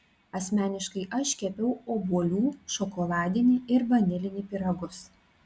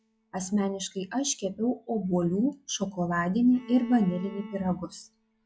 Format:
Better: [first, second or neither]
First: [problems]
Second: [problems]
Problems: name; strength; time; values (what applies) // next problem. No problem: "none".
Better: first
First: none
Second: noise reduction (classical method log-MMSE)